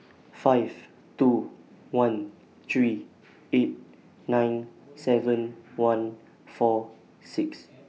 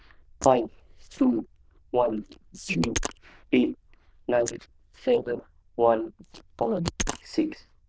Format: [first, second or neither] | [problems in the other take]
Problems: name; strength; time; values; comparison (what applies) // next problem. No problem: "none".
first | noise reduction (neural diffusion model UNIVERSE++)